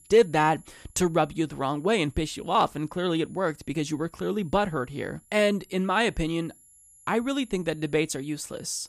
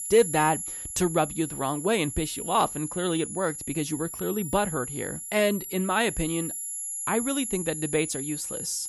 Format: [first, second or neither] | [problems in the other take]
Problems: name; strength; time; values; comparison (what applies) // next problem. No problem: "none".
first | high-pitched whine; loud; throughout; 11 kHz, 5 dB below the speech; faint in the first